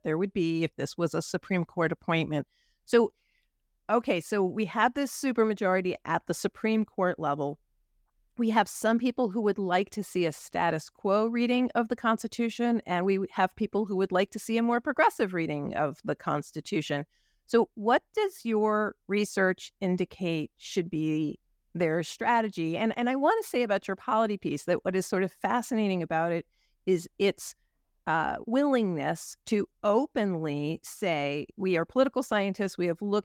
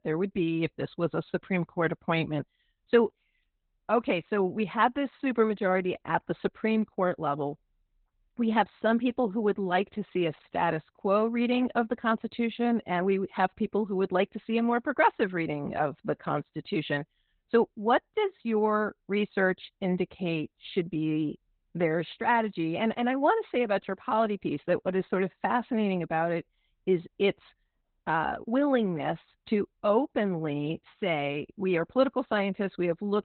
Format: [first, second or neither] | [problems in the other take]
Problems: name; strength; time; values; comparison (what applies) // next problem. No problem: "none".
first | garbled, watery; badly; nothing above 4 kHz; slightly in the first